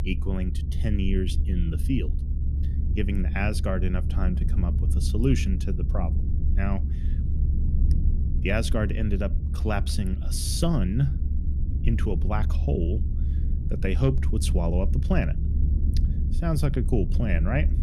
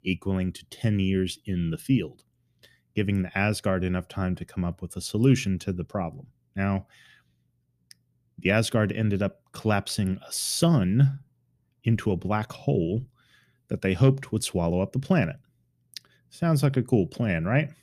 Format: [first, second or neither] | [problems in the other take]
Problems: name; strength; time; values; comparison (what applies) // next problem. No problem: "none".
second | low rumble; noticeable; throughout; 10 dB below the speech